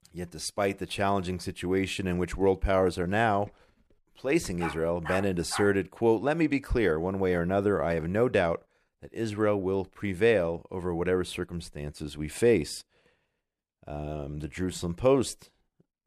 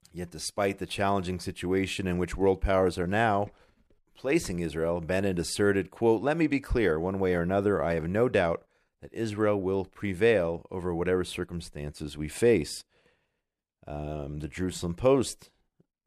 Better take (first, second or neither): second